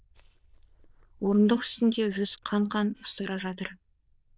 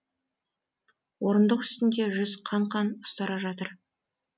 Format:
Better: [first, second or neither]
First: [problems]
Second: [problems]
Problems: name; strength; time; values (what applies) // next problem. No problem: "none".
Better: second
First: noise reduction (neural diffusion model UNIVERSE++)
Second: none